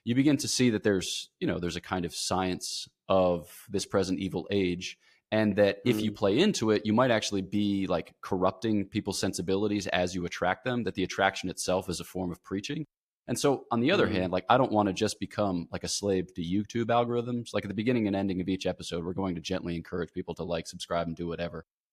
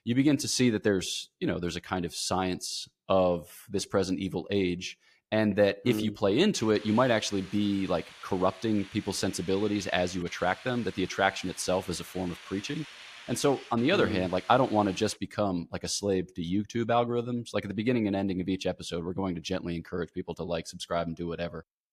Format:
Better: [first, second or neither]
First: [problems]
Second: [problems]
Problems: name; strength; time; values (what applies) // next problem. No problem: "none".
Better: first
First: none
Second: hiss; noticeable; from 6.5 to 15 s; 15 dB below the speech